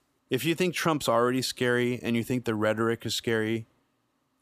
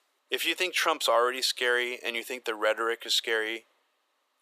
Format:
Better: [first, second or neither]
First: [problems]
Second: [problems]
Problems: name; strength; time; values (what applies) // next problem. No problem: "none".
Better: first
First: none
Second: thin; very; fading below 450 Hz